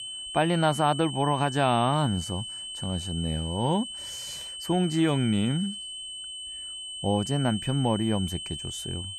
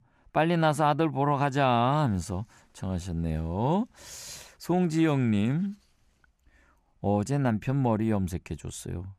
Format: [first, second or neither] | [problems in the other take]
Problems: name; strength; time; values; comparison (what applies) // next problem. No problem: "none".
second | high-pitched whine; loud; throughout; 3 kHz, 8 dB below the speech